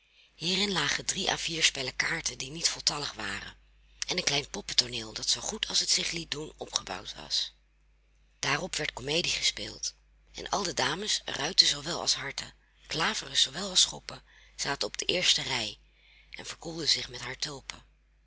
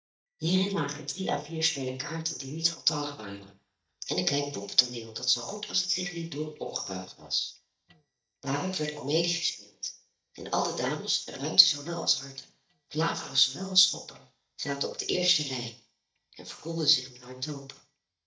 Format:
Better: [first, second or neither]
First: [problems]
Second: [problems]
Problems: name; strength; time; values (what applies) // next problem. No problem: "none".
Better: first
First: none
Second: noise reduction (neural mask model DeepFilterNet 3)